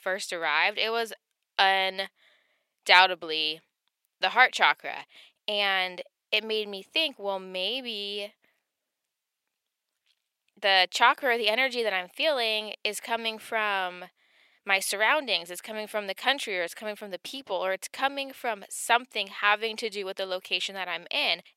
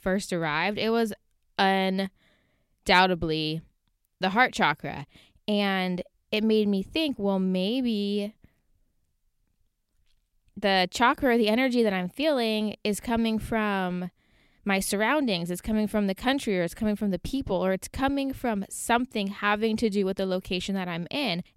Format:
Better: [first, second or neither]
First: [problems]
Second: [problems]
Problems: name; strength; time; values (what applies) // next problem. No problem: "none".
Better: second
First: thin; very; fading below 650 Hz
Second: none